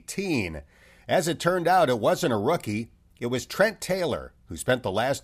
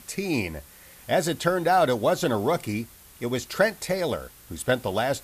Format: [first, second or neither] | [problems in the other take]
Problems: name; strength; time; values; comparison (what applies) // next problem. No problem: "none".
first | hiss; faint; throughout; 20 dB below the speech